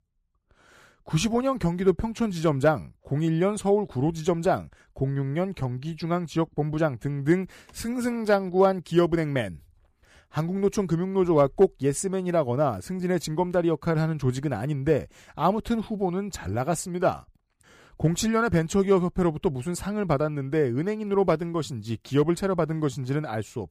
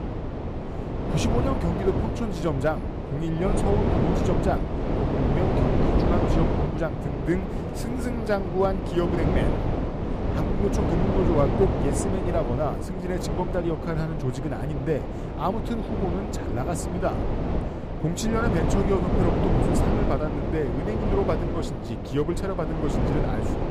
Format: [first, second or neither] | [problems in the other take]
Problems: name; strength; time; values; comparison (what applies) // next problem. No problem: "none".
first | wind noise on the microphone; heavy; 1 dB below the speech